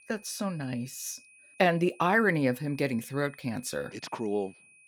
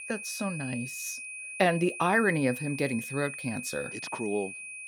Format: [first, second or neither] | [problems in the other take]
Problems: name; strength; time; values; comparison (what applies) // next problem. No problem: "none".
first | high-pitched whine; loud; throughout; 2.5 kHz, 8 dB below the speech; faint in the first